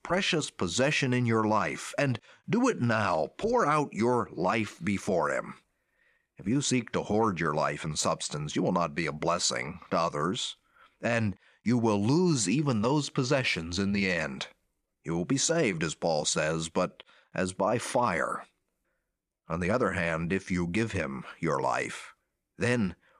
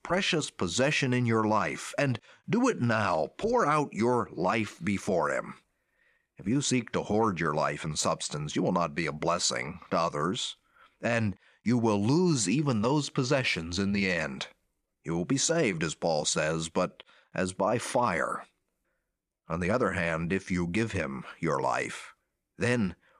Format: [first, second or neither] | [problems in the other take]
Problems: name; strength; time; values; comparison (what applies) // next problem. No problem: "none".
neither | none